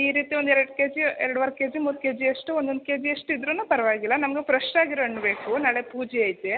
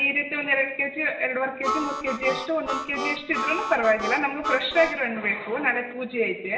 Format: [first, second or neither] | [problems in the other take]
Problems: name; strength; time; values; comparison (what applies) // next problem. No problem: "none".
first | background sound (Harmonica); 5 dB below the speech // room echo; dies away in 1.1 s